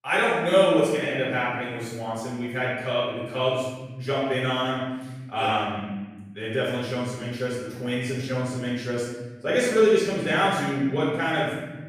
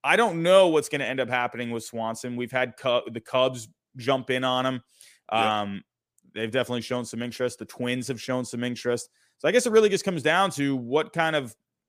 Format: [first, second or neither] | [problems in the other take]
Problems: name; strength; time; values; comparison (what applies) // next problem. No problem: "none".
second | off-mic speech; far // room echo; strong; dies away in 1.6 s